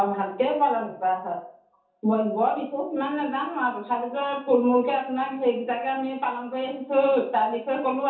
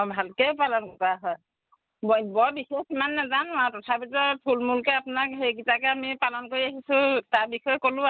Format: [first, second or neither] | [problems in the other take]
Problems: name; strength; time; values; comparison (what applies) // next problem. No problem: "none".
second | room echo; dies away in 0.5 s